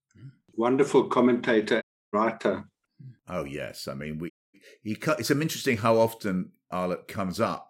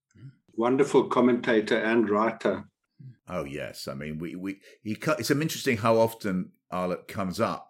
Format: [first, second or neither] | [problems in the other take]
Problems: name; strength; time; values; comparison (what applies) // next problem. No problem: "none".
second | audio cutting out; at 2 s and at 4.5 s